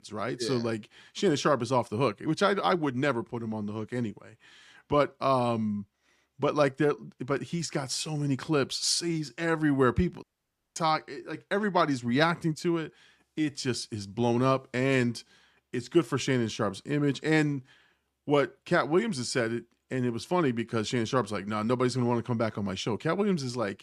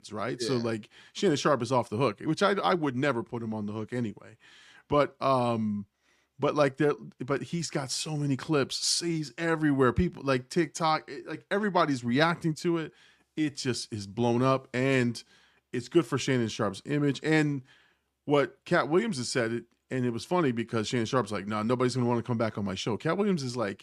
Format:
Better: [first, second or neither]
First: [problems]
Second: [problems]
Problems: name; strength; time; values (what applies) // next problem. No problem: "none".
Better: second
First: audio cutting out; at 10 s for 0.5 s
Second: none